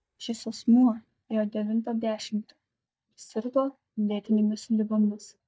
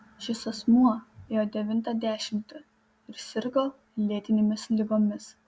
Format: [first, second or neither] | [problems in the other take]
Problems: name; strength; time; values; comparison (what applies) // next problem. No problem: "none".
second | noise reduction (neural mask model DeepFilterNet 3)